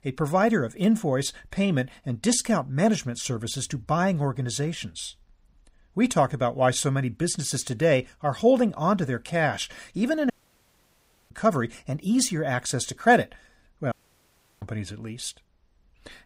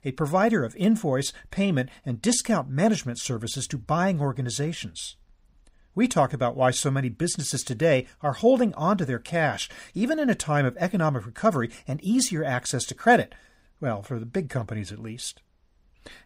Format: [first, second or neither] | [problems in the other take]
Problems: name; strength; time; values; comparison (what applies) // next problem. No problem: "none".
second | audio cutting out; at 10 s for 1 s and at 14 s for 0.5 s